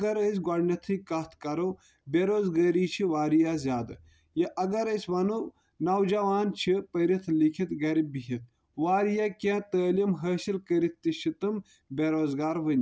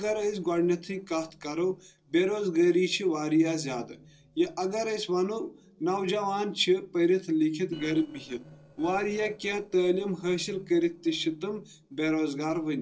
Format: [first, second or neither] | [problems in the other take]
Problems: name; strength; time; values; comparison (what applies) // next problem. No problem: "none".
first | noise reduction (neural separator model SepFormer DNS4)